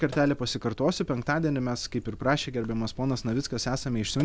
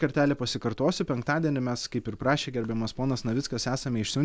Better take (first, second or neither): second